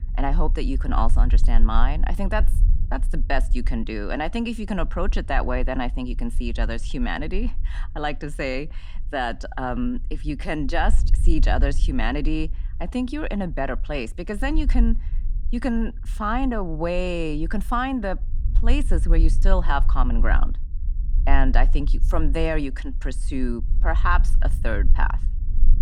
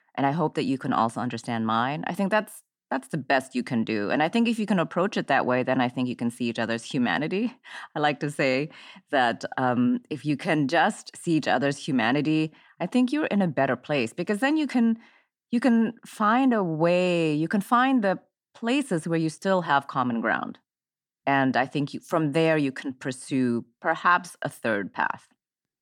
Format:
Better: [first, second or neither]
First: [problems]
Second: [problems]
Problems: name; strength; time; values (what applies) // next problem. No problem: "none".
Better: second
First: low rumble; faint; throughout; 20 dB below the speech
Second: none